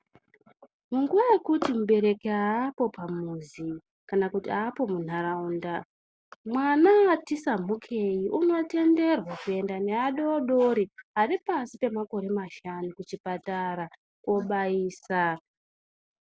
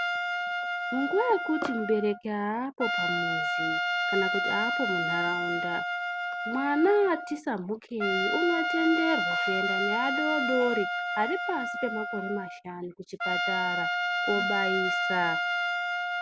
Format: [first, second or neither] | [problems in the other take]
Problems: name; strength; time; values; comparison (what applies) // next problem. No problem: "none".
first | background sound (Trumpet); 1 dB above the speech